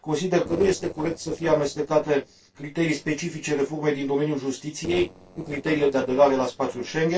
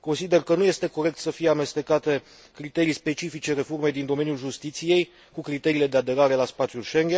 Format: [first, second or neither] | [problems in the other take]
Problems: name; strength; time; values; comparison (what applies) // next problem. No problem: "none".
second | noise reduction (neural separator model SepFormer DNS4)